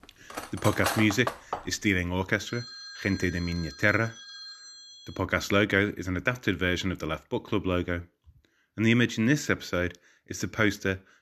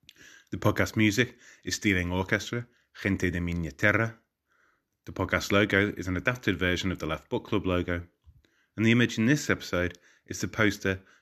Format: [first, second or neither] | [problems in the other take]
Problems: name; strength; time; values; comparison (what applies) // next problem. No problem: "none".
second | clattering dishes; noticeable; until 1.5 s; peak 3 dB below the speech // phone ringing; faint; from 2.5 to 5 s; peak 15 dB below the speech